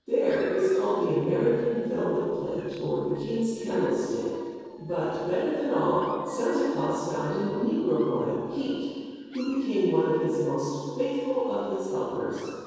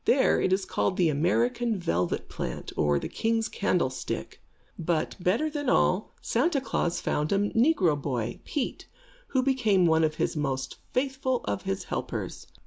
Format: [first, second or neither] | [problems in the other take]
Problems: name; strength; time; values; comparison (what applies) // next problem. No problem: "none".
second | noise reduction (neural separator model SepFormer DNS4)